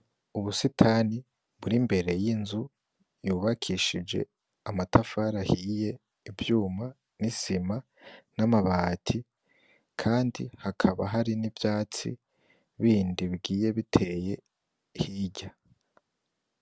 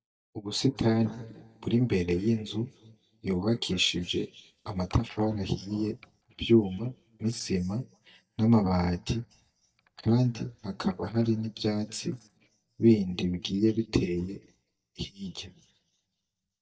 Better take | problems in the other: first | noise reduction (neural mask model DeepFilterNet 3)

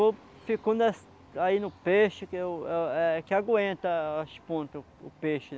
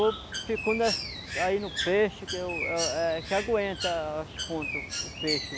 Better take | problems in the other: first | background sound (Bird); 5 dB below the speech

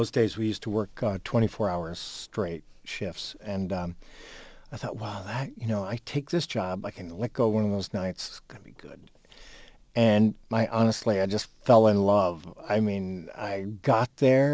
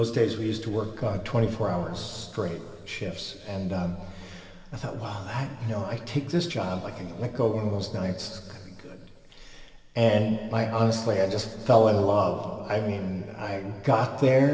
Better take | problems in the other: first | room echo; dies away in 2.3 s

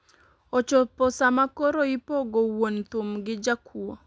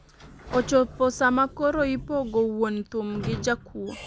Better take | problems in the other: first | background sound (Squeak / Sliding door); 13 dB below the speech

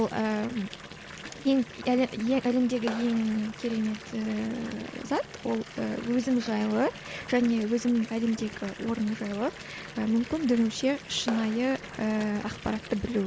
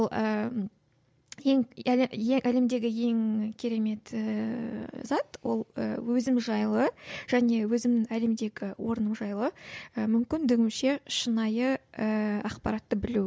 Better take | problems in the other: second | background sound (Clapping + Fill (with liquid) / Bathtub (filling or washing) / Water tap, faucet); 14 dB below the speech

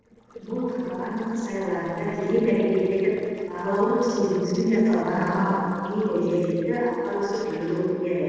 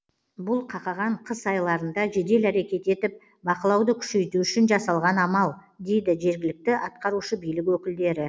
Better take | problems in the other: second | noise reduction (neural separator model SepFormer DNS4)

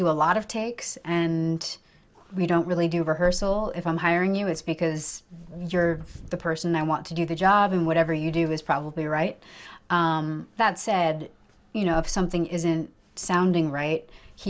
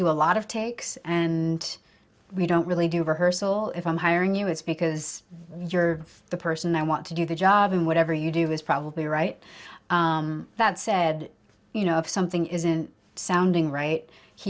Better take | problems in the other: second | background sound (Wind / Car); 17 dB below the speech

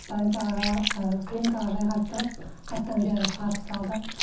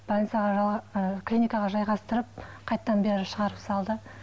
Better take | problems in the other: second | background sound (Chewing, mastication); 6 dB below the speech // room echo; dies away in 0.6 s

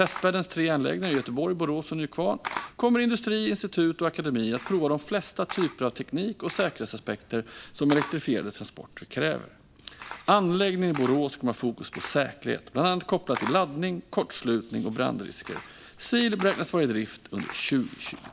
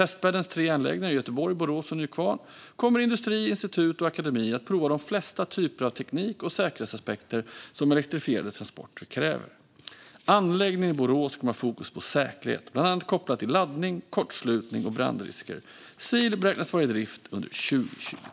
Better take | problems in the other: second | background sound (Camera); 16 dB below the speech

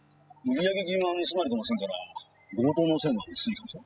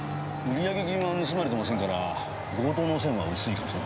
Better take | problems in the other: second | noise reduction (classical method spectral subtraction)

